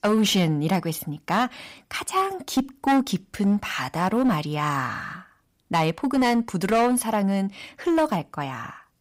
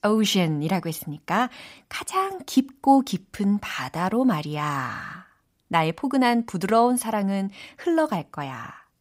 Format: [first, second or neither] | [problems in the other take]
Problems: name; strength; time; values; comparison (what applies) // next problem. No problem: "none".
second | distortion; slight; 7% of the sound clipped